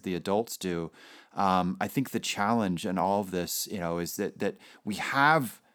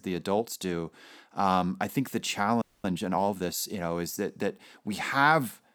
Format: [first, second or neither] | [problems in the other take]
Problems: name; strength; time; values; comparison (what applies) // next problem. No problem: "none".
first | audio freezing; at 2.5 s